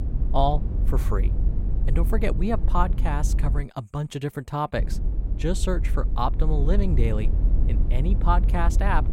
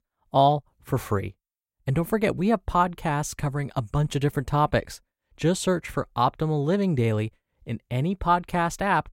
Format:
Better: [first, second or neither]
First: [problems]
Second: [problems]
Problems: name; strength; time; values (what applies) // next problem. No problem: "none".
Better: second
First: low rumble; noticeable; until 3.5 s and from 5 s on; 15 dB below the speech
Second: none